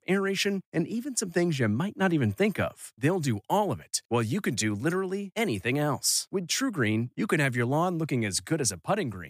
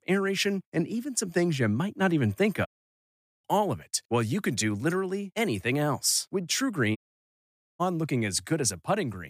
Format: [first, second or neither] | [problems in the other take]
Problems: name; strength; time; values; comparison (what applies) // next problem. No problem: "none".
first | audio cutting out; at 2.5 s for 1 s and at 7 s for 1 s